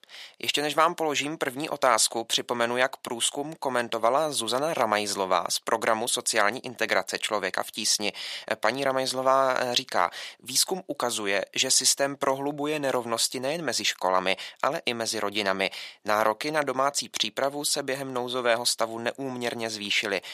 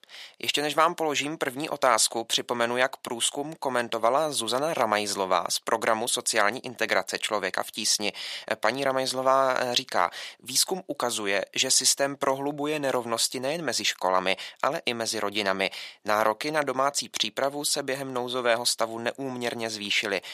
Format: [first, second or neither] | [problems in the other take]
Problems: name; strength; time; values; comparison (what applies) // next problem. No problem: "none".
neither | thin; very; fading below 500 Hz; the same in both